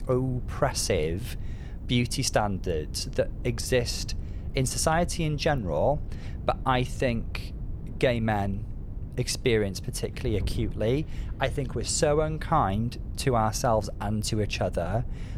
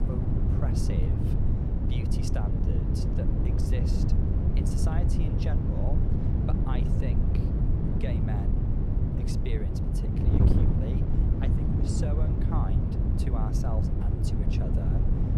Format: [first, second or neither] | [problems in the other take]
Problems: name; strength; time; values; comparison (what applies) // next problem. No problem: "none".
first | wind noise on the microphone; heavy; 4 dB above the speech; occasional gusts in the first